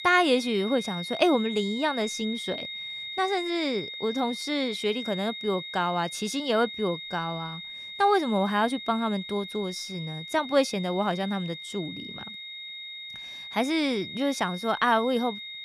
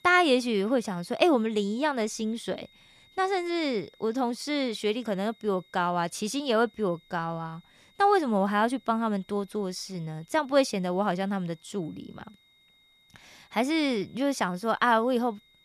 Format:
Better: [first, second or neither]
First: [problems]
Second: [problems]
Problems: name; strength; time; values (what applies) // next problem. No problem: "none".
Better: second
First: high-pitched whine; loud; throughout; 3.5 kHz, 8 dB below the speech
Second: high-pitched whine; faint; throughout; 3.5 kHz, 30 dB below the speech